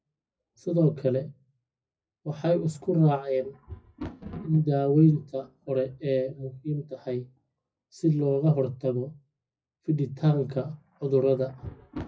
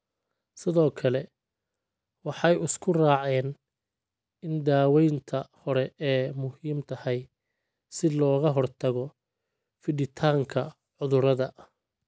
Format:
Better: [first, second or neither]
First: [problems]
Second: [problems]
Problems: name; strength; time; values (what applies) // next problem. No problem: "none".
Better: second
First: noise reduction (classical method WPE with log-MMSE)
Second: none